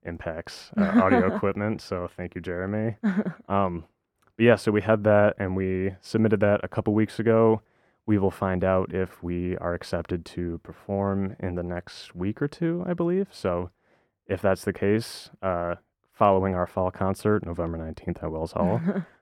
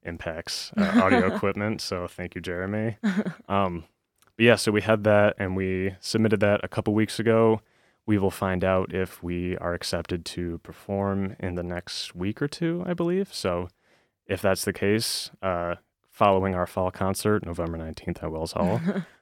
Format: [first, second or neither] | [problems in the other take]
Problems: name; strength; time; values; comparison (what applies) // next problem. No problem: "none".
second | muffled; slightly; fading above 2.5 kHz